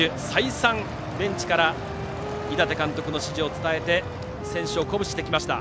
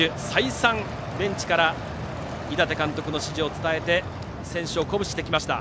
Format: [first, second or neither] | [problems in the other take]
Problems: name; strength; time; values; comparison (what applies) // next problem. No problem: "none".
second | background sound (Wind instrument, woodwind instrument); 11 dB below the speech